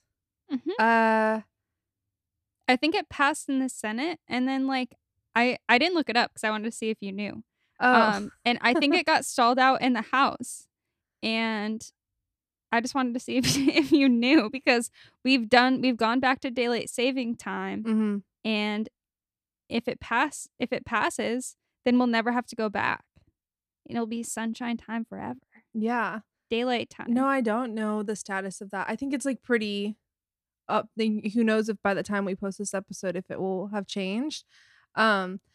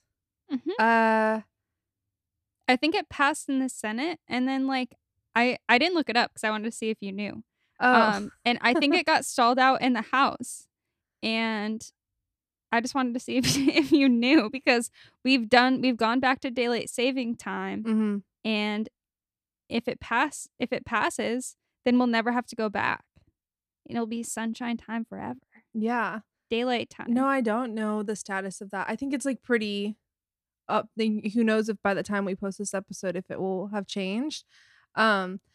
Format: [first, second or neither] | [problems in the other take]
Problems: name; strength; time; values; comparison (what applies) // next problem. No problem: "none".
neither | none